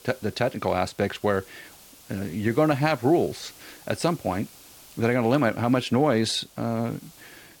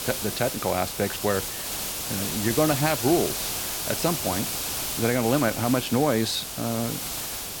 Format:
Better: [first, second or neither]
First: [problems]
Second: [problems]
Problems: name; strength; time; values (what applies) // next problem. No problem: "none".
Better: first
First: hiss; faint; throughout; 25 dB below the speech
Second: hiss; loud; throughout; 3 dB below the speech